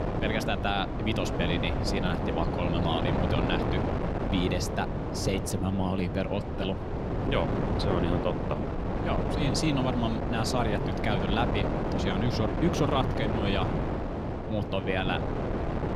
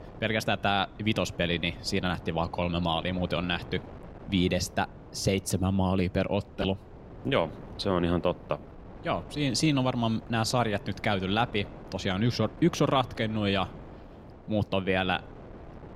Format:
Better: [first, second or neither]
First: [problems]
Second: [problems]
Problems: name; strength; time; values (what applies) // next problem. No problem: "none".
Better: second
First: wind noise on the microphone; heavy; 1 dB below the speech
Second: wind noise on the microphone; occasional gusts; 20 dB below the speech